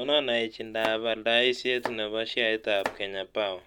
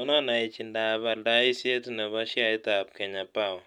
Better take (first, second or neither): second